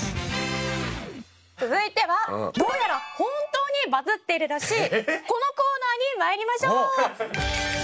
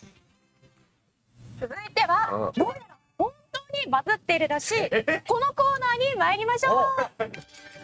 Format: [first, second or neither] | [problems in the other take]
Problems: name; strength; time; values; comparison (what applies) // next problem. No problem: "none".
first | noise reduction (neural mask model RNNoise)